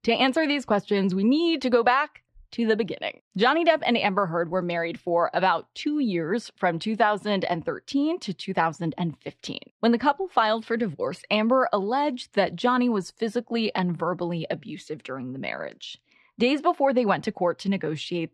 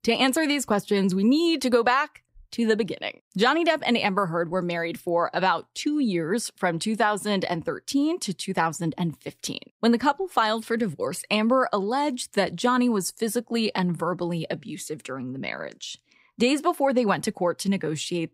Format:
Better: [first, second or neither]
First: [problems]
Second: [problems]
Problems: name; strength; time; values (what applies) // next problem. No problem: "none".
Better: second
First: muffled; very slightly; fading above 3.5 kHz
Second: none